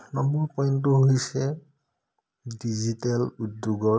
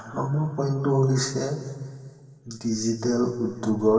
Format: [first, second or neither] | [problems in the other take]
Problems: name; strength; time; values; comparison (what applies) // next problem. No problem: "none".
first | room echo; dies away in 2.2 s